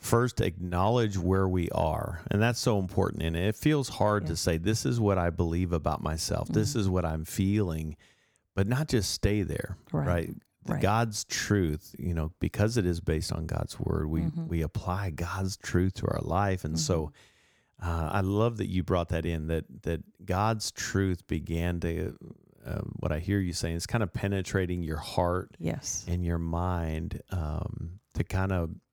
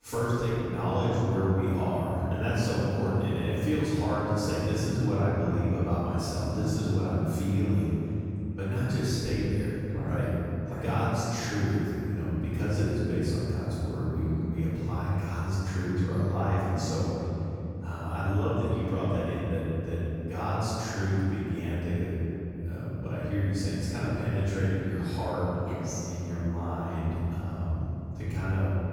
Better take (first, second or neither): first